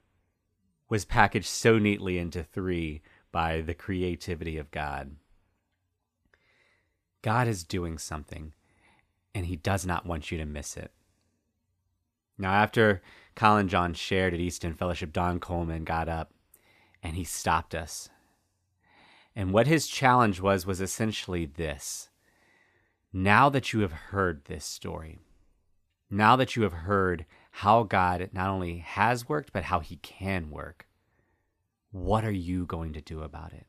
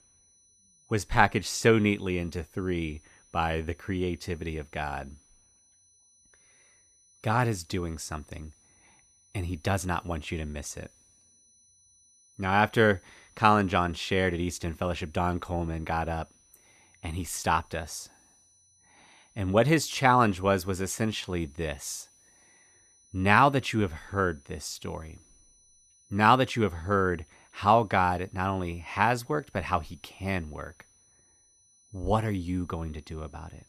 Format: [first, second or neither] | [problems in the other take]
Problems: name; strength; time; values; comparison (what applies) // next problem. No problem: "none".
first | high-pitched whine; faint; throughout; 6 kHz, 30 dB below the speech